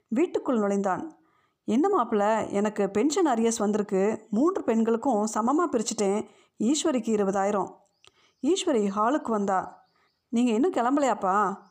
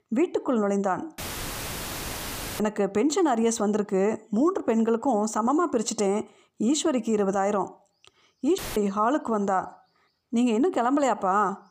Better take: first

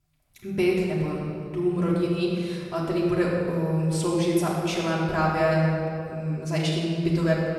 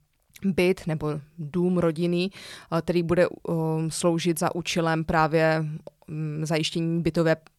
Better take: second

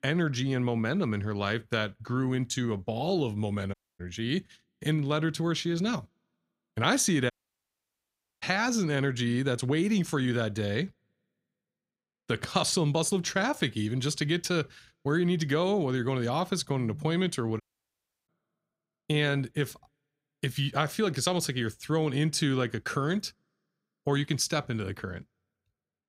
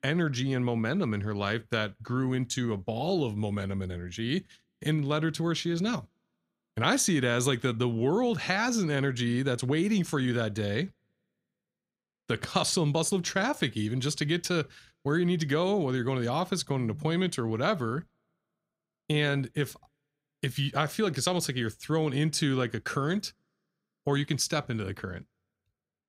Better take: second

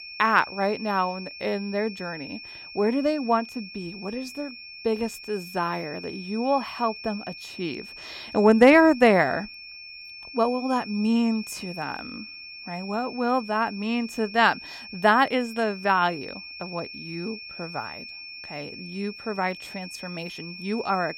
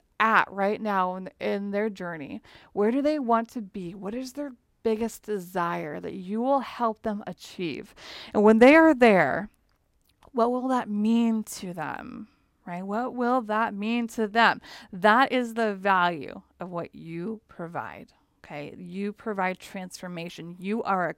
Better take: second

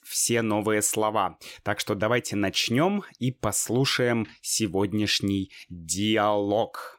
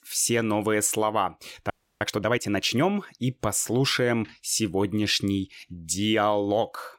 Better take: first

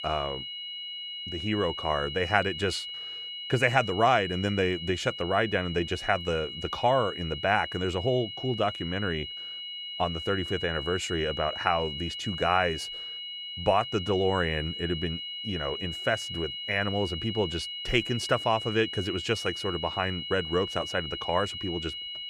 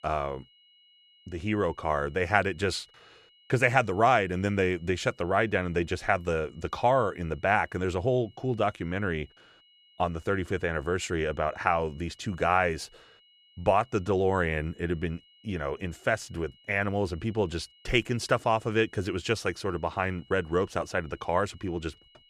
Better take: second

